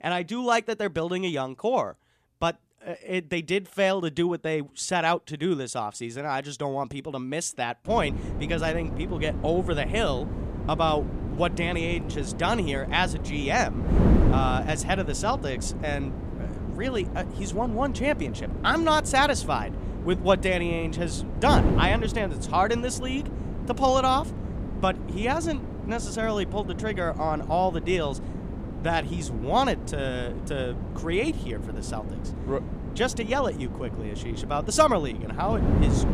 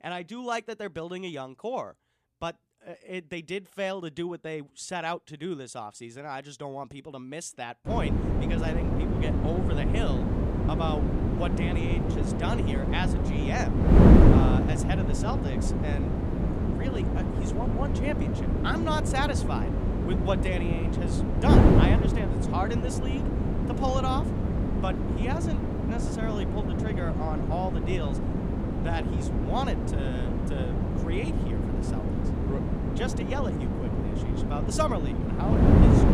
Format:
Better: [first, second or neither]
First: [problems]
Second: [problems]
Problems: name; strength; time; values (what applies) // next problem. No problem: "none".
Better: first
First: wind noise on the microphone; occasional gusts; from 8 s on; 10 dB below the speech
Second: wind noise on the microphone; heavy; from 8 s on; 1 dB above the speech